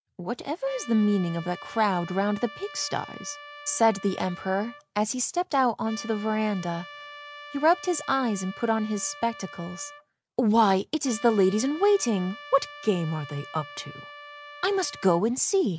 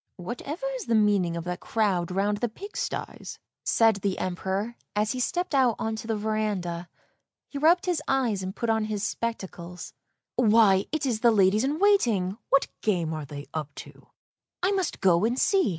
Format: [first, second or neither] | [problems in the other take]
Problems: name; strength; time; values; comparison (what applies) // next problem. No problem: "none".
second | background sound (Trumpet); 17 dB below the speech